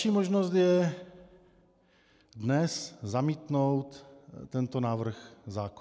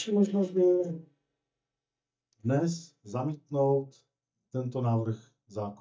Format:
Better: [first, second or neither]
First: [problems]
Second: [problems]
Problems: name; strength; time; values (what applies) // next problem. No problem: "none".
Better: first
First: none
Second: noise reduction (neural mask model DeepFilterNet 3)